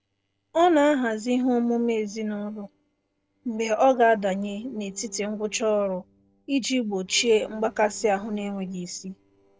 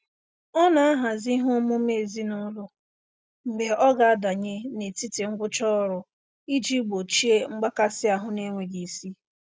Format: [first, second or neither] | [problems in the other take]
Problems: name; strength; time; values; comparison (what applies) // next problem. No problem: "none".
second | noise reduction (neural separator model SepFormer DNS4)